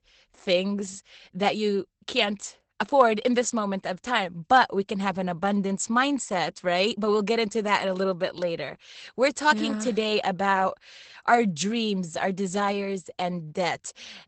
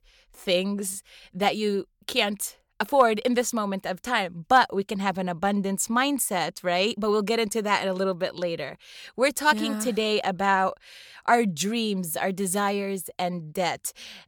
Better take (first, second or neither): second